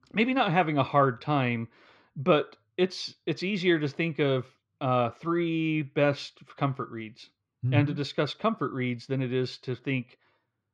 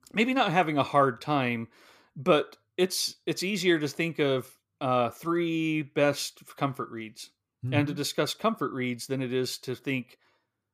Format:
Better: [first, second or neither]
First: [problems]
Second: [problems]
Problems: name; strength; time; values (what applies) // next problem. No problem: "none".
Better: second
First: muffled; very slightly; fading above 4 kHz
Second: none